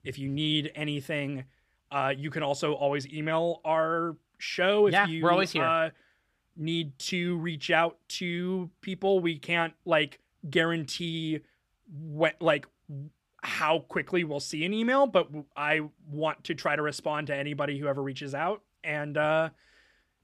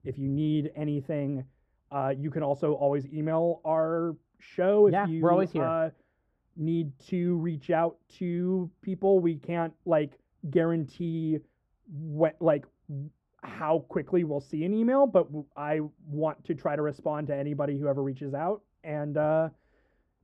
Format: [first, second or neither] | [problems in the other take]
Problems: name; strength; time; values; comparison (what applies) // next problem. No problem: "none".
first | muffled; very; fading above 1.5 kHz